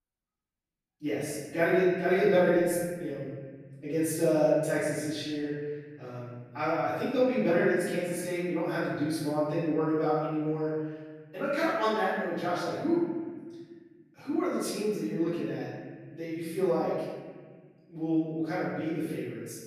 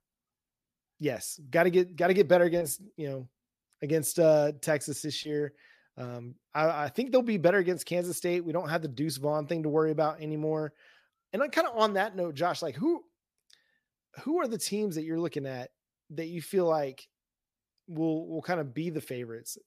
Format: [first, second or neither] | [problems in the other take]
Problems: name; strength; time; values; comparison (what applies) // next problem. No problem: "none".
second | room echo; strong; dies away in 1.7 s // off-mic speech; far